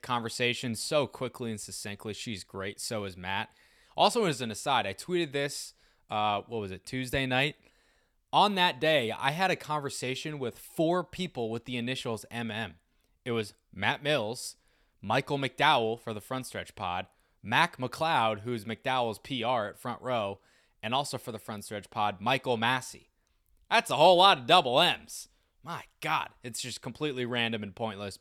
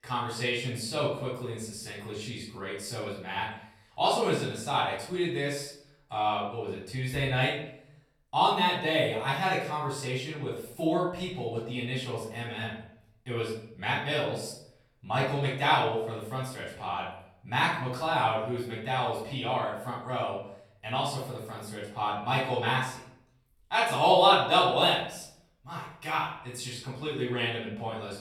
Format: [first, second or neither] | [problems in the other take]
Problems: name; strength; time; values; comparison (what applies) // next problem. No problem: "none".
first | off-mic speech; far // room echo; noticeable; dies away in 0.6 s